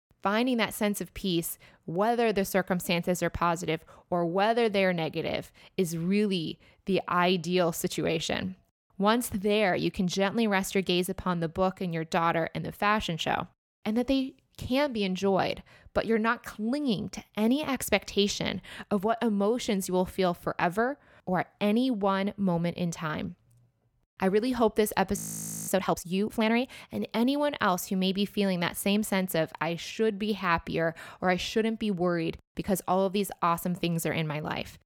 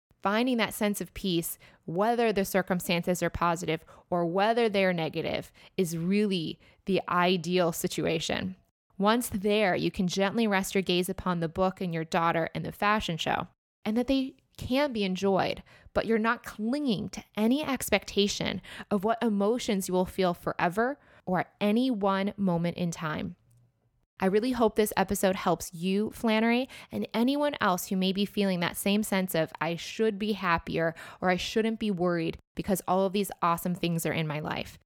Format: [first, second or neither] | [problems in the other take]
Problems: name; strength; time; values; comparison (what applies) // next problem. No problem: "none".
second | audio freezing; at 25 s for 0.5 s